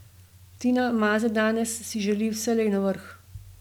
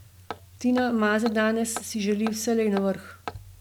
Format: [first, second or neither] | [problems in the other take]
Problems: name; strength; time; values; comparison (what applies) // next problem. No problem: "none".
first | background sound (Hammer); 16 dB below the speech